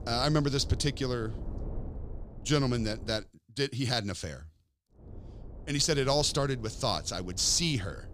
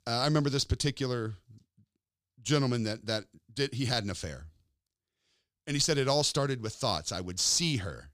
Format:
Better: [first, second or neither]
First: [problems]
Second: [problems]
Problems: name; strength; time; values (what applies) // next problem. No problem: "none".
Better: second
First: wind noise on the microphone; occasional gusts; until 3 s and from 5 s on; 20 dB below the speech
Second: none